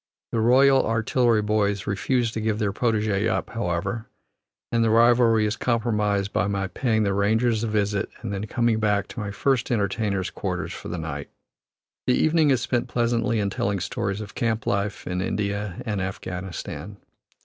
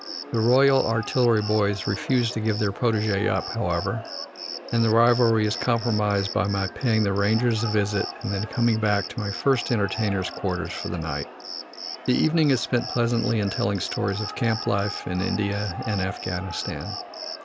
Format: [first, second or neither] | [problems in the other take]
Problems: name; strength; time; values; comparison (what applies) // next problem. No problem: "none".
first | background sound (Cricket); 11 dB below the speech